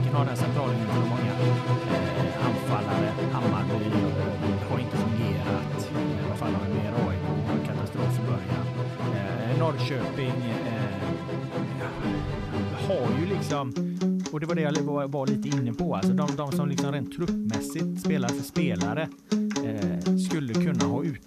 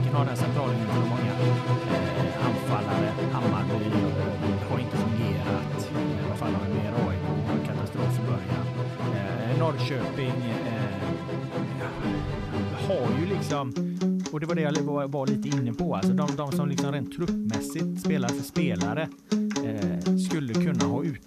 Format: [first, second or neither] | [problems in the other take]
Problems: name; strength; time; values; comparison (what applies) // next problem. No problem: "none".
neither | background music; very loud; throughout; 3 dB above the speech; the same in both